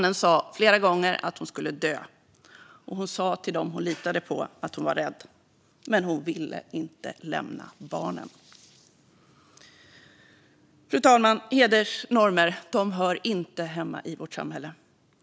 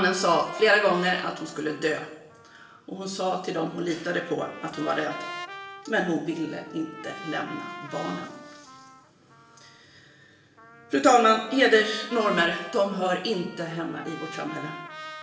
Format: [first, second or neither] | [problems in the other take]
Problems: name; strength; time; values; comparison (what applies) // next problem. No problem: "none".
first | background sound (Trumpet); 15 dB below the speech // room echo; dies away in 0.8 s